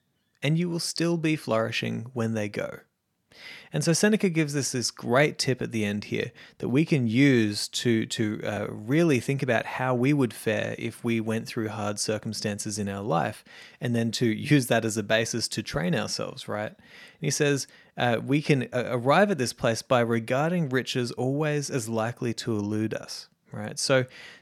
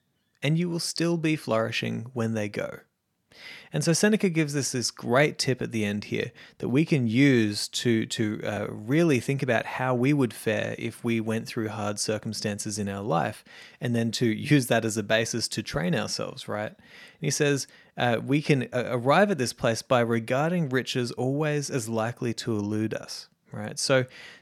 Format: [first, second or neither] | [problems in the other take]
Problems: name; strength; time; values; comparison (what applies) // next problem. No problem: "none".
neither | none